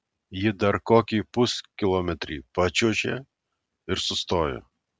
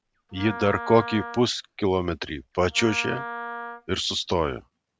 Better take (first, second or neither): first